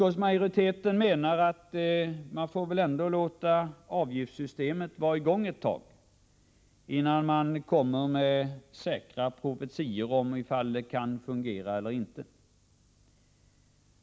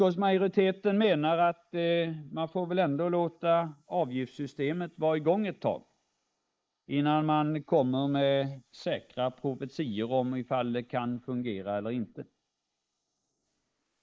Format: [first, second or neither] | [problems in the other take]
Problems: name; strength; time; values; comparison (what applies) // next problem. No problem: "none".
first | noise reduction (neural mask model Resemble Enhance denoiser)